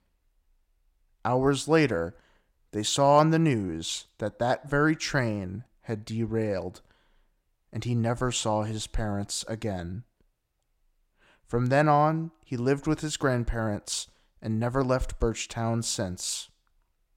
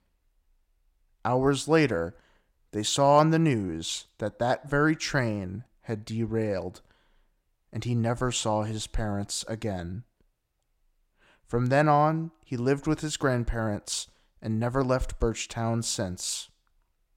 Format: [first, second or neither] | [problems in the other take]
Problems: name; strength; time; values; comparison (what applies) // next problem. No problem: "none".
neither | none